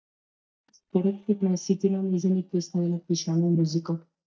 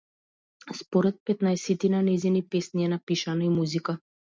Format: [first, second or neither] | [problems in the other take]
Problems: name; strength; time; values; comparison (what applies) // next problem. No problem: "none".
second | noise reduction (neural mask model DeepFilterNet 3)